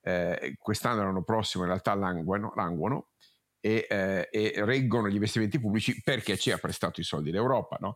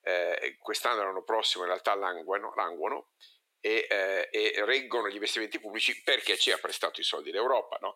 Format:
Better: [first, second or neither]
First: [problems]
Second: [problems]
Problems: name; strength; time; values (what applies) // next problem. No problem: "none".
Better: first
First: none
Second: thin; very; fading below 350 Hz